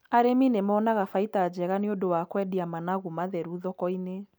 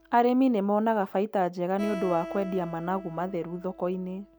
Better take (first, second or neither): first